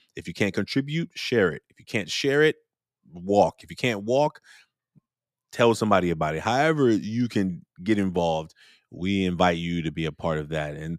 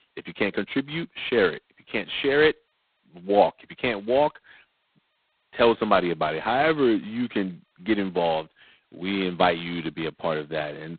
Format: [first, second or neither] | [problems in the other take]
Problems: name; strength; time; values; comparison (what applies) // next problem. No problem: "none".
first | phone-call audio; poor line; nothing above 4 kHz